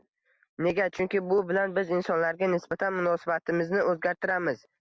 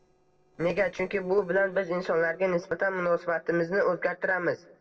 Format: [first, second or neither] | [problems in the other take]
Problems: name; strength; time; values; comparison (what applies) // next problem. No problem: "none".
first | noise reduction (neural separator model SepFormer DNS4)